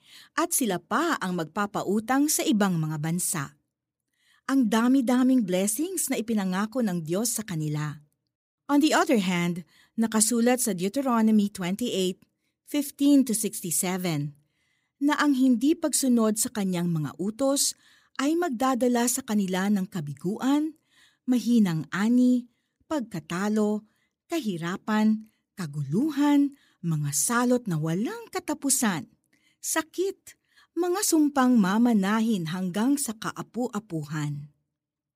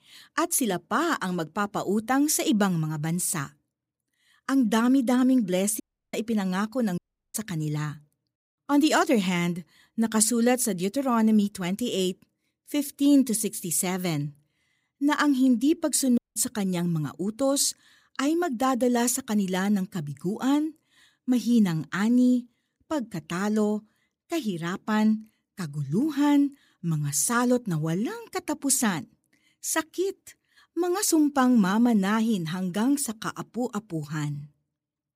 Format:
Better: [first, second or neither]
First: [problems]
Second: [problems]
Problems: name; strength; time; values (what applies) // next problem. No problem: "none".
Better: first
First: none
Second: audio cutting out; at 6 s, at 7 s and at 16 s